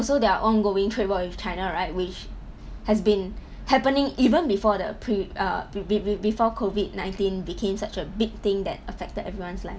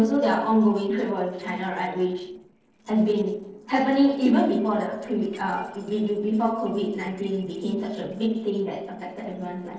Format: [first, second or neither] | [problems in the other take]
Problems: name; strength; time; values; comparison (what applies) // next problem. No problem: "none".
first | noise reduction (neural separator model SepFormer DNS4)